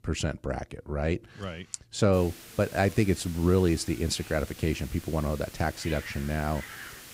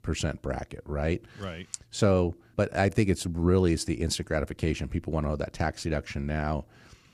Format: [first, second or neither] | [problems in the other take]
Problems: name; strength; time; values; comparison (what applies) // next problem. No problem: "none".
second | hiss; noticeable; from 2 s on; 15 dB below the speech